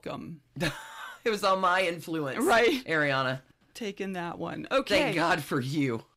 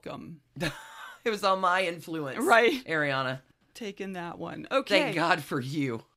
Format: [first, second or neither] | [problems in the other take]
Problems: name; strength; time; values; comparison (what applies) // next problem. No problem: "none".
second | distortion; slight; 10 dB below the speech